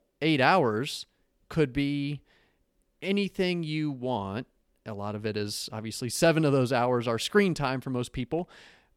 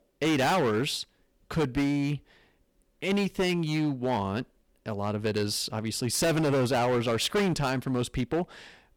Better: first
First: none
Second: distortion; heavy; 14% of the sound clipped

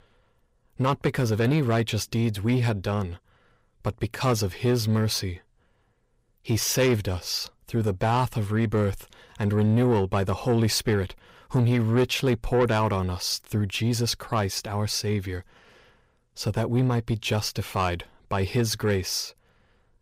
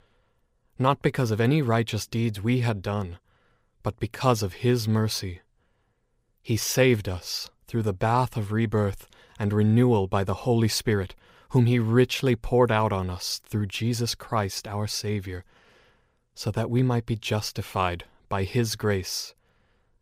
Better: second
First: distortion; slight; 10 dB below the speech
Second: none

